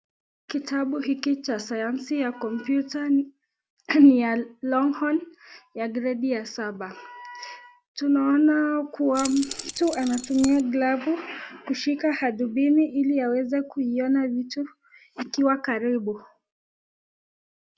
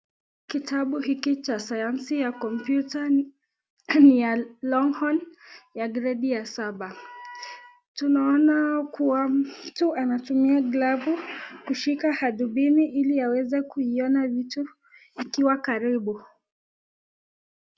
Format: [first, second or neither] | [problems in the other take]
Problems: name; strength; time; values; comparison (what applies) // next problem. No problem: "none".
second | background sound (Keys jangling); 12 dB below the speech